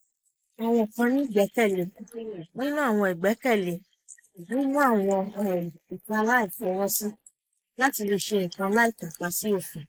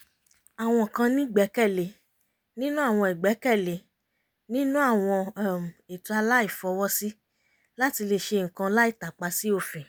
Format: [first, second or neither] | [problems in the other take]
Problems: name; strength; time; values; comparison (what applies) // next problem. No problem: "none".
second | noise reduction (neural mask model Resemble Enhance denoiser)